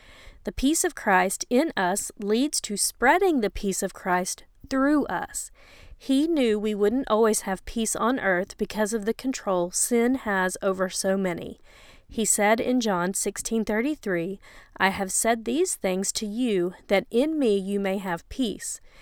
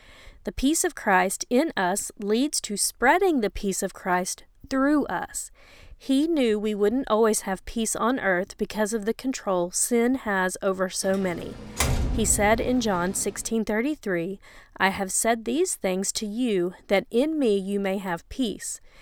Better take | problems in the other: first | door banging; noticeable; from 11 to 13 s; peak level with the speech

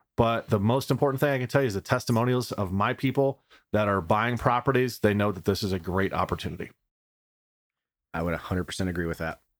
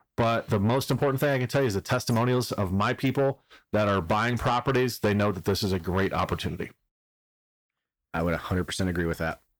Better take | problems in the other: first | distortion; slight; 10 dB below the speech

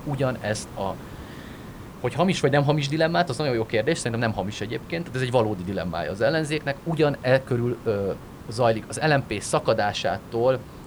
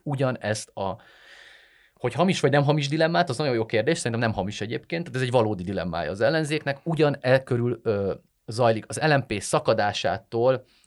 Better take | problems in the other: second | hiss; noticeable; throughout; 15 dB below the speech

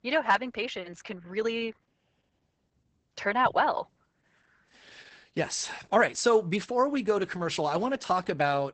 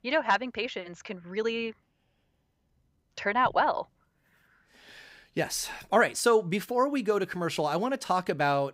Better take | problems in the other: second | garbled, watery; badly; nothing above 8 kHz

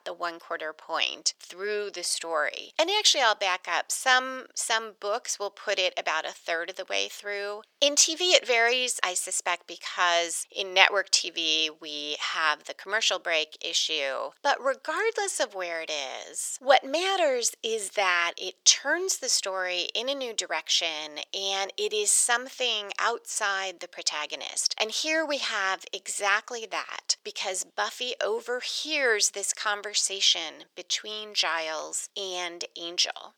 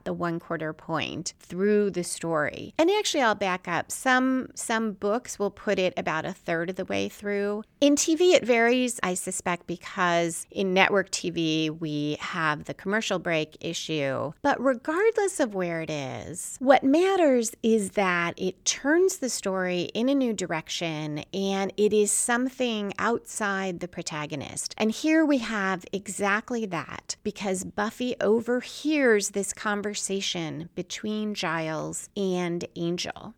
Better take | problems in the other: second | thin; very; fading below 550 Hz

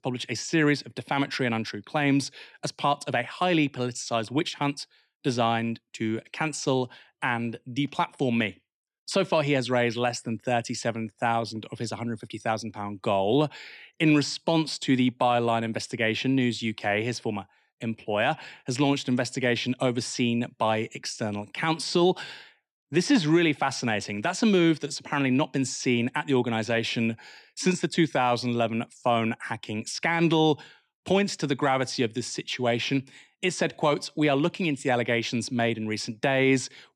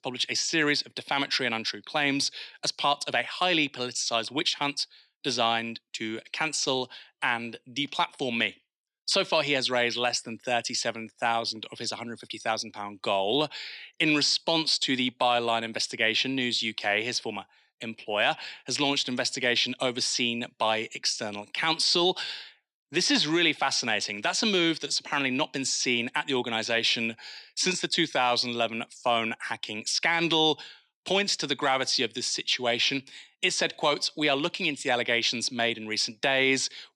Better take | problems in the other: first | thin; very slightly; fading below 950 Hz

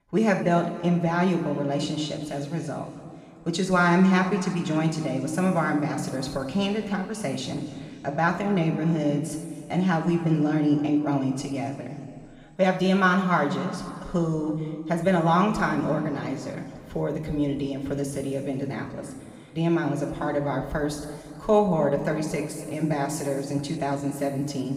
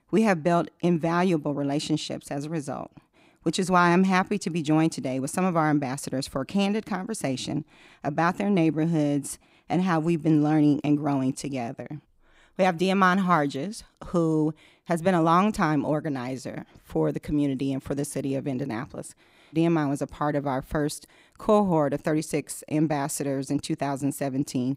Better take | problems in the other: second | room echo; noticeable; dies away in 2 s // off-mic speech; somewhat distant

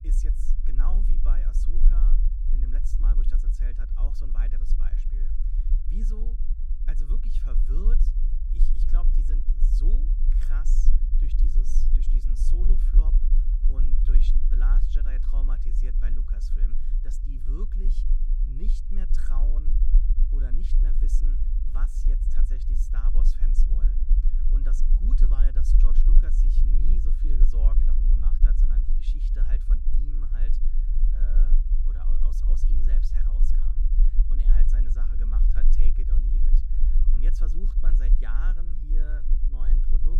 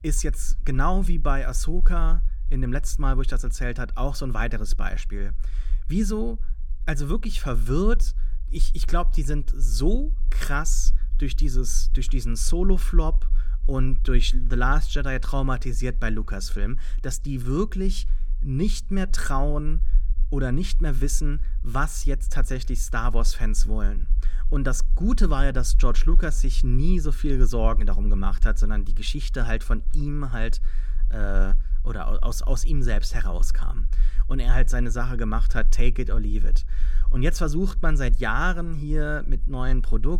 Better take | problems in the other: second | low rumble; loud; throughout; 2 dB below the speech; faint in the second

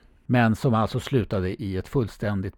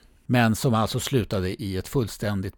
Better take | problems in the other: second | muffled; slightly; fading above 3.5 kHz

